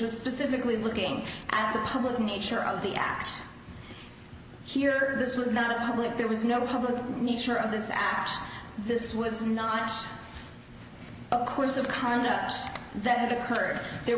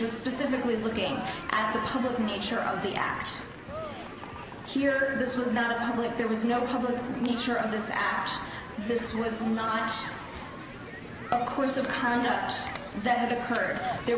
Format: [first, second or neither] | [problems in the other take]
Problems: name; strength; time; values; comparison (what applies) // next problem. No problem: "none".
first | background sound (Human group actions); 11 dB below the speech